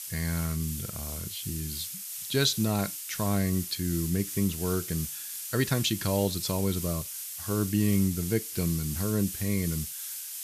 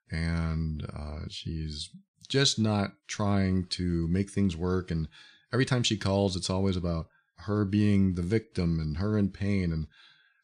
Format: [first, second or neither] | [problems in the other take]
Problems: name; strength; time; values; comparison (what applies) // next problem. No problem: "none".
second | hiss; loud; throughout; 5 dB below the speech